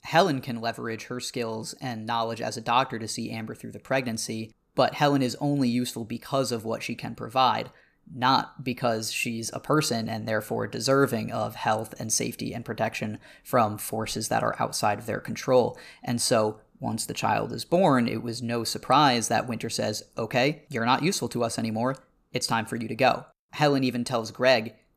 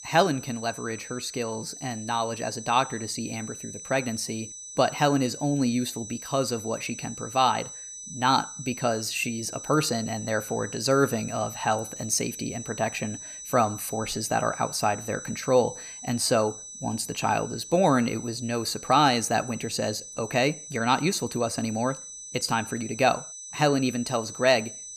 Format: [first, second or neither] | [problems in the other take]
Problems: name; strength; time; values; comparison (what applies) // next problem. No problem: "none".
first | high-pitched whine; noticeable; throughout; 6 kHz, 10 dB below the speech